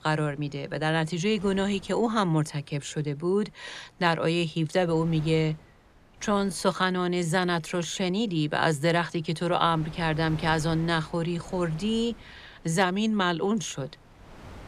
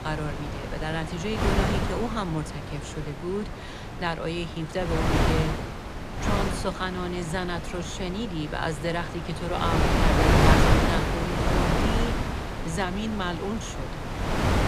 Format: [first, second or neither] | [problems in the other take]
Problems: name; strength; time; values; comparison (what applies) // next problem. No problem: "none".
first | wind noise on the microphone; heavy; 3 dB above the speech; occasional gusts in the first